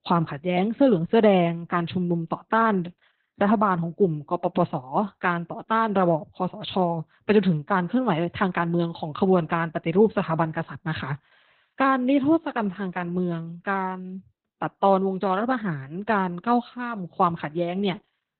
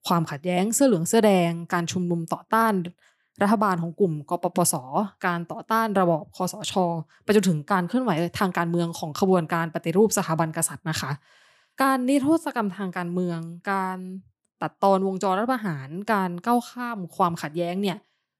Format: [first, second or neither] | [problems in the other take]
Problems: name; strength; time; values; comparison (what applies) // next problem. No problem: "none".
second | garbled, watery; badly; nothing above 4 kHz